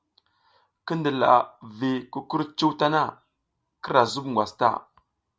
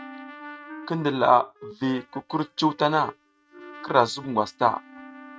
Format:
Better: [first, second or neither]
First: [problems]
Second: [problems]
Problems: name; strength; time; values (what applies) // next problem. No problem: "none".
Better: first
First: none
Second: noise reduction (neural mask model RNNoise)